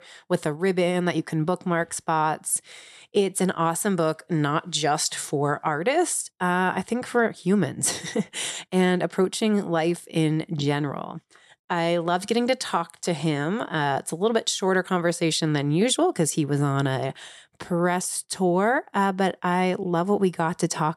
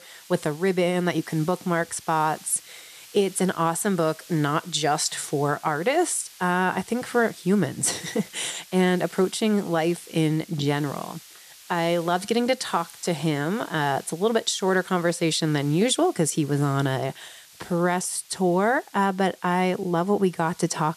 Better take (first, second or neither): first